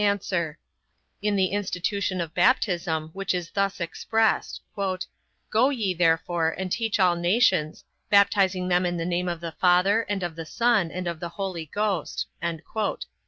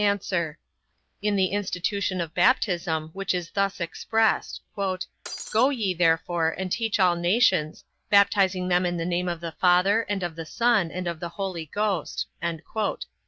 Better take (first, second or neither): first